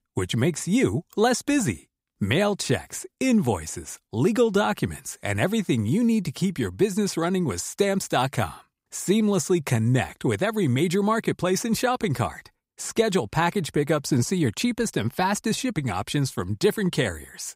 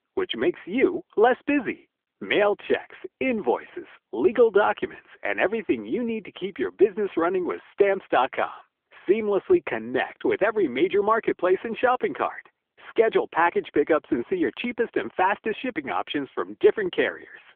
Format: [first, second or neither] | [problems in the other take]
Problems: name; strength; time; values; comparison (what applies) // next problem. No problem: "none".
first | phone-call audio; nothing above 3.5 kHz